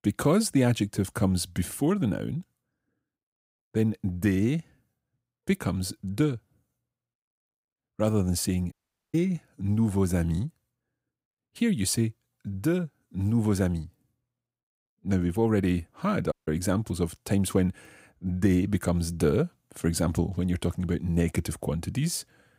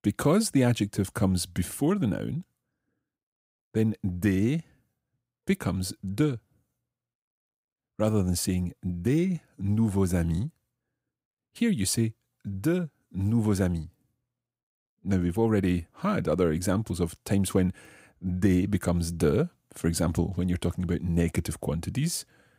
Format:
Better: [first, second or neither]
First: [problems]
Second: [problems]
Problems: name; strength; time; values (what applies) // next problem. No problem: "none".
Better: second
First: audio cutting out; at 8.5 s and at 16 s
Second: none